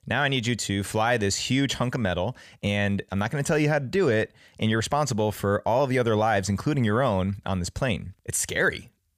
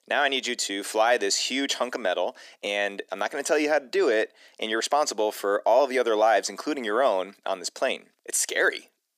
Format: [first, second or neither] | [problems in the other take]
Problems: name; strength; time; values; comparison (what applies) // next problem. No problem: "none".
first | thin; somewhat; fading below 300 Hz